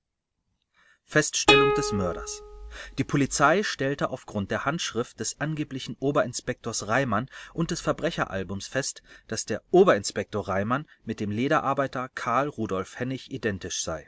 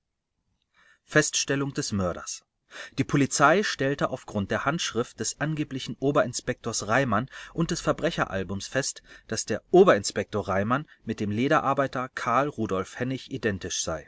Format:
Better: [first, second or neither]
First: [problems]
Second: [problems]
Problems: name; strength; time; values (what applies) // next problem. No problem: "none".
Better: second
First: background sound (Plucked string instrument); 1 dB above the speech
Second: none